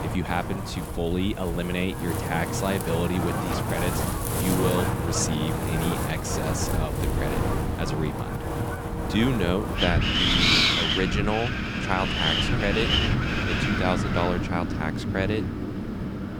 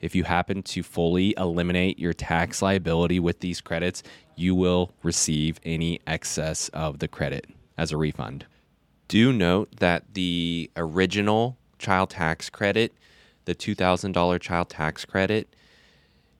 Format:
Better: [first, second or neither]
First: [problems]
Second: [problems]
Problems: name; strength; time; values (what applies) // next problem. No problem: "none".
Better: second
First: wind in the background; very loud; throughout; 3 dB above the speech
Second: none